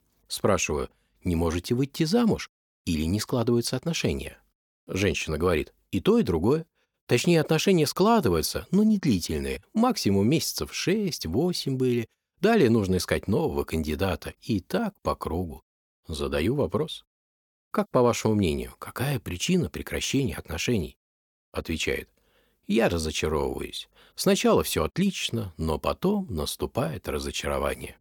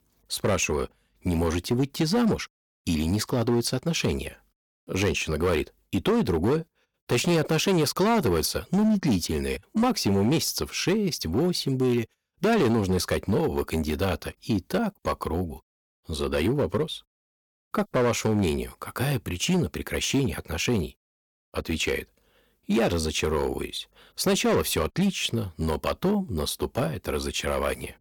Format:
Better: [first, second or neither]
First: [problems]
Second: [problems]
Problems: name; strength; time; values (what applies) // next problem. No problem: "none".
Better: first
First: none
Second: distortion; slight; 8% of the sound clipped